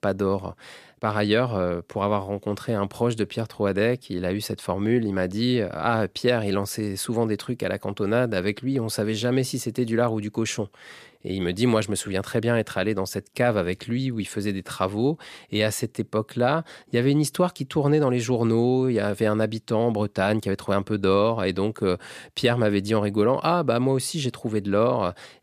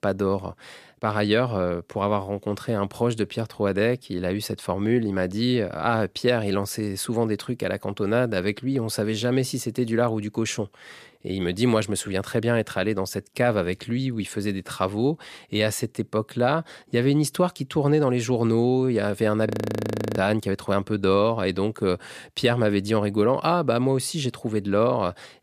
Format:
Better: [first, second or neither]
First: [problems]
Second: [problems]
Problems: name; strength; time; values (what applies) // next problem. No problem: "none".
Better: first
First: none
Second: audio freezing; at 19 s for 0.5 s